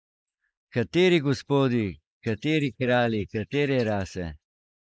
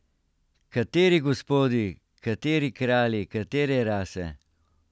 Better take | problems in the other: second | noise reduction (neural mask model Resemble Enhance denoiser)

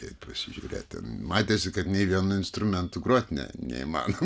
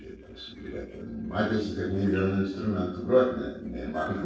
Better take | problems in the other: first | noise reduction (neural separator model SepFormer DNS4)

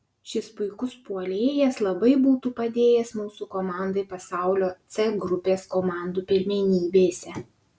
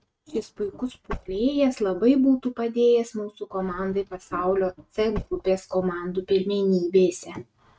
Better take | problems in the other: first | noise reduction (neural mask model RNNoise)

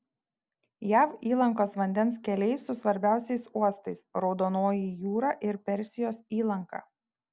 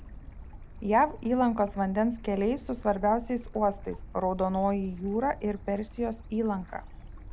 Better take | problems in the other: first | background sound (Stream / Bird); 14 dB below the speech

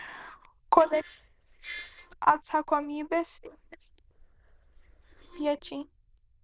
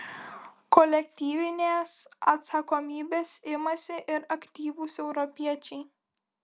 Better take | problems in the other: second | noise reduction (neural diffusion model UNIVERSE++)

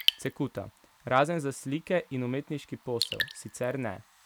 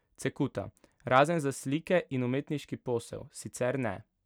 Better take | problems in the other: second | background sound (Raindrop / Drip); 5 dB below the speech

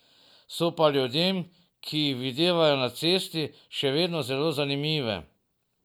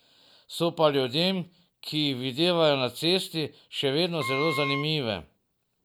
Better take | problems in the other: first | background sound (Wind instrument, woodwind instrument); 7 dB below the speech

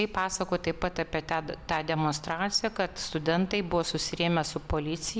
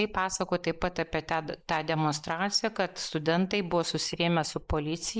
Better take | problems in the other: first | noise reduction (neural mask model Resemble Enhance denoiser)

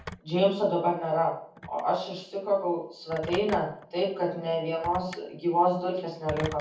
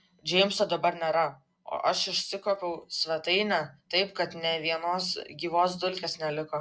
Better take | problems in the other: second | background sound (Telephone); 15 dB below the speech // room echo; dies away in 0.6 s

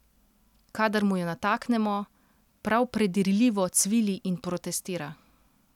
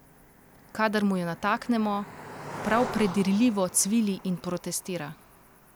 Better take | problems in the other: first | background sound (Cricket); 14 dB below the speech

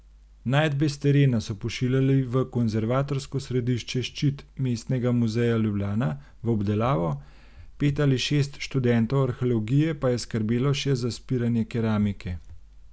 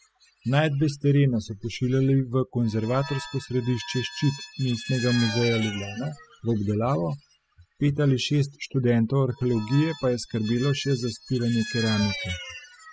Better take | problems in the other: first | noise reduction (classical method spectral subtraction)

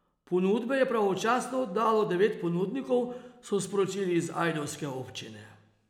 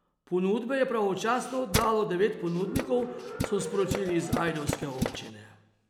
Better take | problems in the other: first | background sound (Tools); 5 dB below the speech

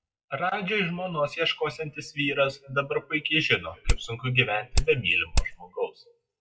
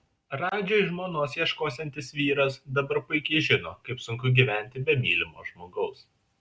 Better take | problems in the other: second | noise reduction (classical method WPE with log-MMSE)

